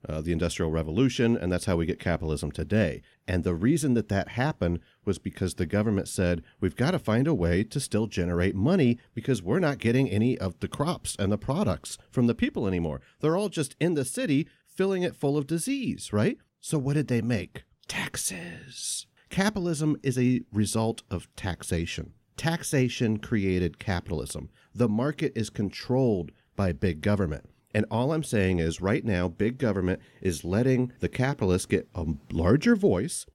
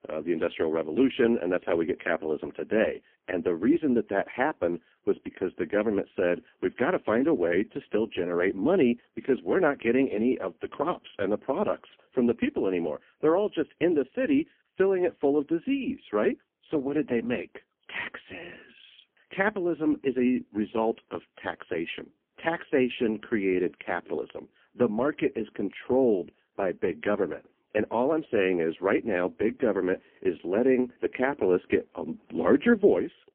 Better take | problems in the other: first | phone-call audio; poor line; nothing above 3 kHz

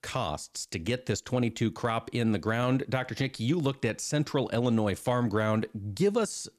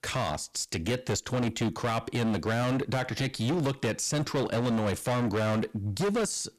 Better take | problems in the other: first | distortion; heavy; 22% of the sound clipped

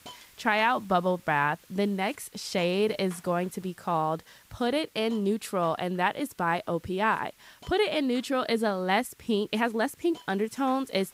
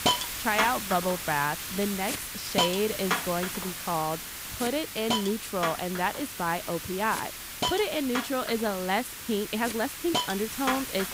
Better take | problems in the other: first | hiss; loud; throughout; 2 dB below the speech; faint in the first

